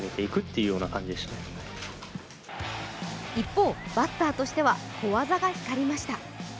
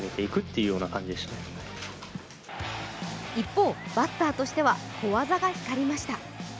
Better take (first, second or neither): second